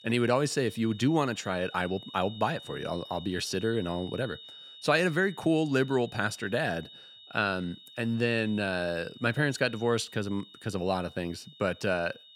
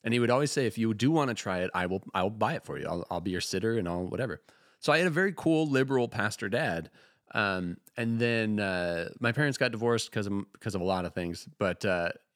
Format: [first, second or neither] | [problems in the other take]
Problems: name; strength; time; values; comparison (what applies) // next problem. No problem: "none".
second | high-pitched whine; noticeable; throughout; 3.5 kHz, 15 dB below the speech